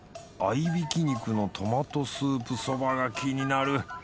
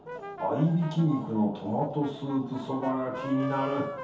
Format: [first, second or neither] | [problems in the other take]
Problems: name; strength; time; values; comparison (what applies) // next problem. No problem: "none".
first | background sound (Brass instrument); 12 dB below the speech // room echo; dies away in 0.6 s